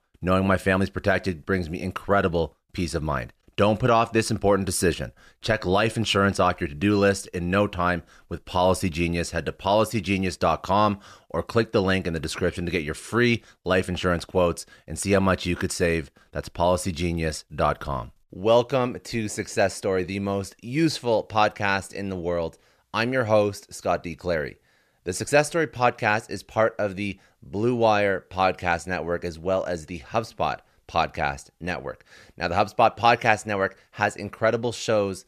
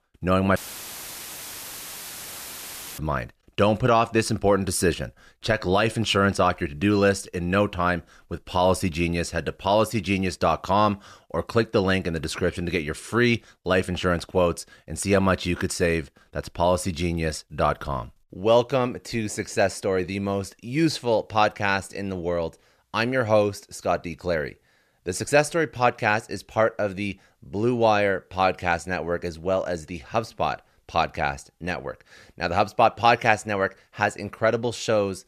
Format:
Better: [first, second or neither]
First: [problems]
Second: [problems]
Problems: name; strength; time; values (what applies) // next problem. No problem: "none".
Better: first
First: none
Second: audio cutting out; filled with static; at 0.5 s for 2.5 s